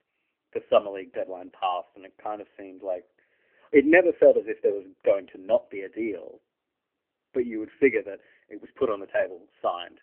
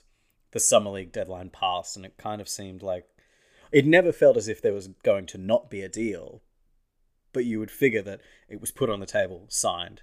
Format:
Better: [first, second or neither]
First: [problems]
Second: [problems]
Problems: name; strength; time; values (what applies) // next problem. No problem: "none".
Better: second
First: phone-call audio; poor line; nothing above 3 kHz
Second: none